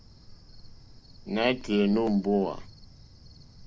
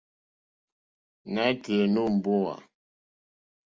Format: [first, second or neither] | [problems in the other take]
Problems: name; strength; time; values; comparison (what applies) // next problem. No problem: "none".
second | background sound (Cricket); 17 dB below the speech